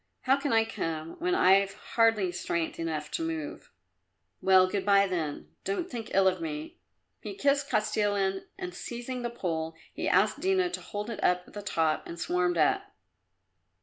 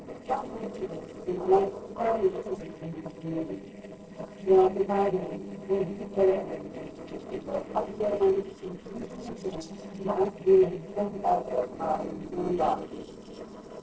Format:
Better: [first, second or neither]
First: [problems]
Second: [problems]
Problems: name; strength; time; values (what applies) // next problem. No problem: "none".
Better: first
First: none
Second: noise reduction (neural separator model SepFormer DNS4)